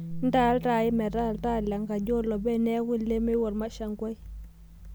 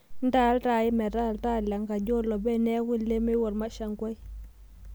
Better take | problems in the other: second | background sound (Bass guitar); 15 dB below the speech

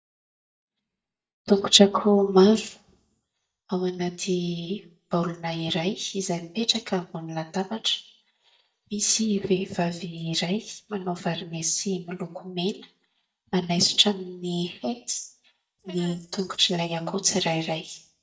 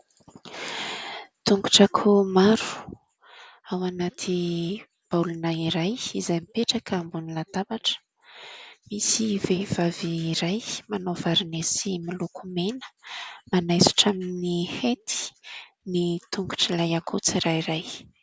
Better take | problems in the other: second | noise reduction (neural mask model DeepFilterNet 3)

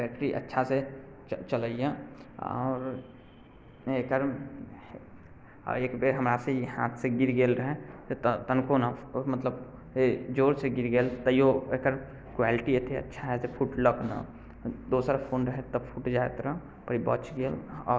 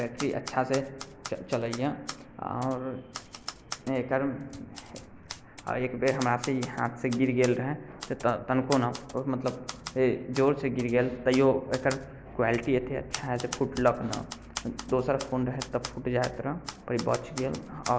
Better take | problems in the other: first | background sound (Typewriter); 15 dB below the speech

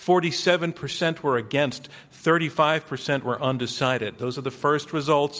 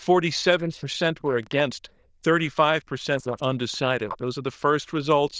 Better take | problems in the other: first | noise reduction (neural diffusion model UNIVERSE++)

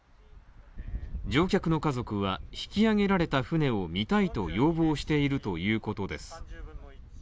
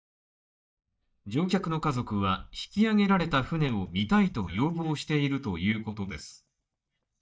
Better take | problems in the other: first | noise reduction (neural mask model DeepFilterNet 3)

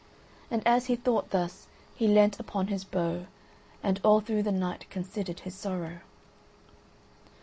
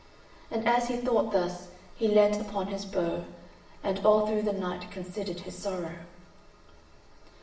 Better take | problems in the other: first | room echo; dies away in 0.8 s

